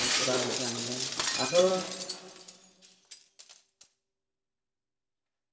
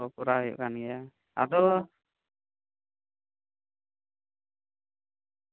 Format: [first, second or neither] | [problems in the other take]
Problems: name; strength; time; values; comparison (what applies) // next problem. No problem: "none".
second | background sound (Shatter); 1 dB below the speech // room echo; dies away in 1.8 s